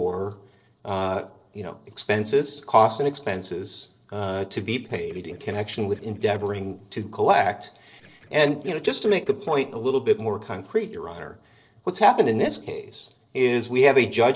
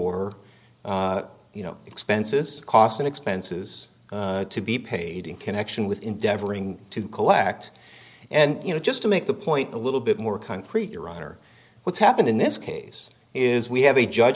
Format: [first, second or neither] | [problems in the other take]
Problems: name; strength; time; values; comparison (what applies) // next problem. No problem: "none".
second | noise reduction (neural separator model SepFormer DNS4)